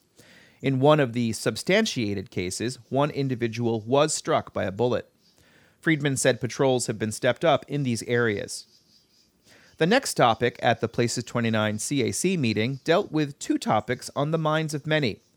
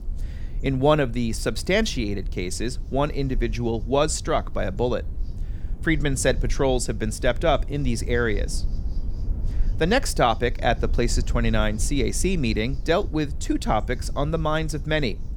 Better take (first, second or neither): first